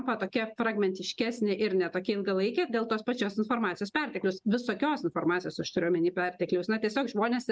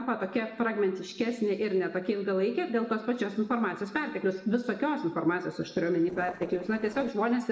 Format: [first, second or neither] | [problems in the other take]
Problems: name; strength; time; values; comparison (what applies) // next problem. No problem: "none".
first | noise reduction (neural separator model SepFormer DNS4)